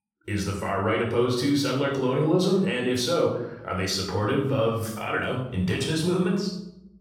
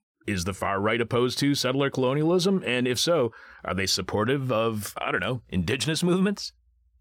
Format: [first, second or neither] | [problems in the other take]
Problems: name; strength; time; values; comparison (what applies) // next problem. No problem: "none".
second | off-mic speech; far // room echo; noticeable; dies away in 0.7 s